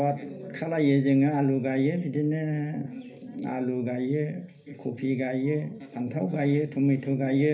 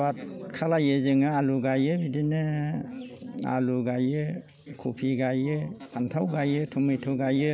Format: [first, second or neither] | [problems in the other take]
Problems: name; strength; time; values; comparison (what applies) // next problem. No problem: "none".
second | room echo; dies away in 0.3 s